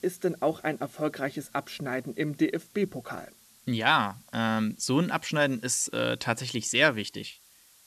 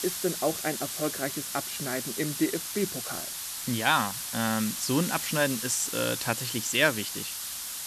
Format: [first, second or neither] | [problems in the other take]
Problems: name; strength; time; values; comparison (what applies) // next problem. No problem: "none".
first | hiss; loud; throughout; 3 dB below the speech; faint in the first